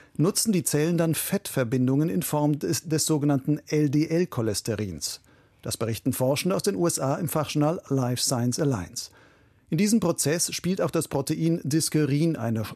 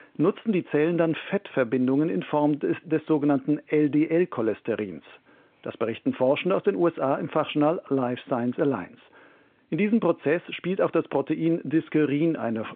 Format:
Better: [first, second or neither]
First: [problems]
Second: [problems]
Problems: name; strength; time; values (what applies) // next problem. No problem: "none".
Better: first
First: none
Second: phone-call audio